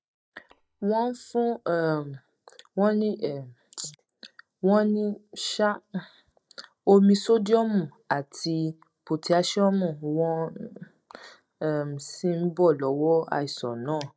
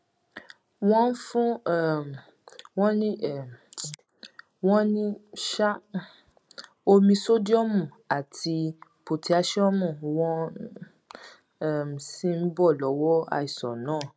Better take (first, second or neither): second